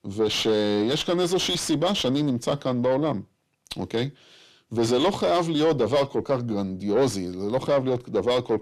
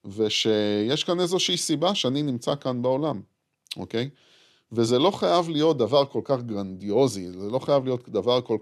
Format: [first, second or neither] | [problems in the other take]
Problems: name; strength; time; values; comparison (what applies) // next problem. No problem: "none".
second | distortion; slight; 10 dB below the speech